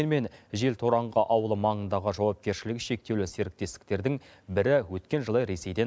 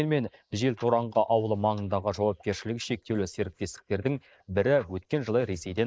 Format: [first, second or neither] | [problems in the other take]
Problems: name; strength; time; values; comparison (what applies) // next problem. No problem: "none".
first | noise reduction (neural mask model Resemble Enhance denoiser)